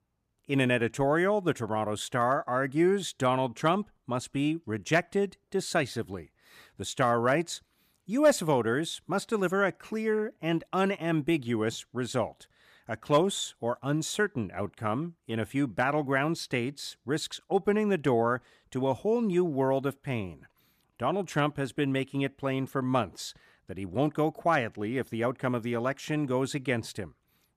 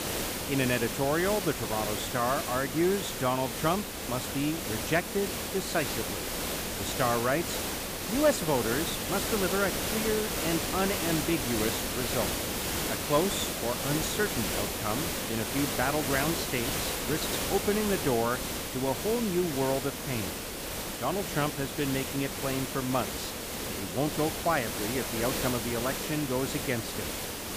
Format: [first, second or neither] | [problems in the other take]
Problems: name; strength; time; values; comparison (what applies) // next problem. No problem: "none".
first | hiss; loud; throughout; 1 dB below the speech